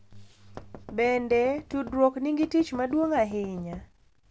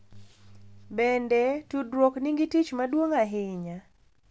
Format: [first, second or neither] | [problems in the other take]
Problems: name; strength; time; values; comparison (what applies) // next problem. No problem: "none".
second | background sound (Knock); 18 dB below the speech